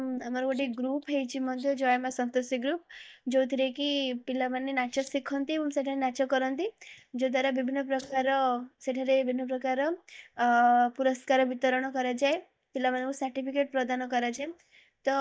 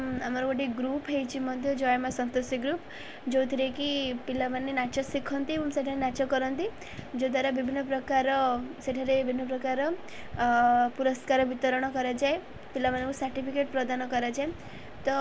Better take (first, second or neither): second